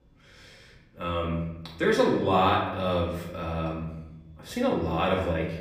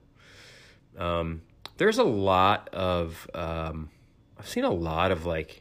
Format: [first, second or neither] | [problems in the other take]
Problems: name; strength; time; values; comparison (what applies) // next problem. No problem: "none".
second | off-mic speech; far // room echo; noticeable; dies away in 0.9 s